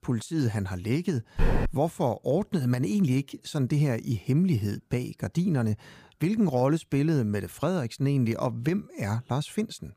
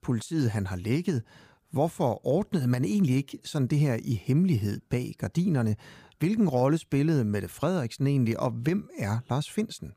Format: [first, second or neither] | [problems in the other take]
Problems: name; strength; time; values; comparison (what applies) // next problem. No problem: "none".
second | footsteps; noticeable; at 1.5 s; peak level with the speech